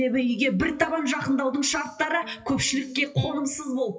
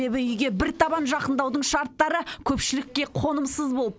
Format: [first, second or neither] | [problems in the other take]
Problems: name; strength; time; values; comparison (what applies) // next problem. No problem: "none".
second | noise reduction (classical method WPE with log-MMSE)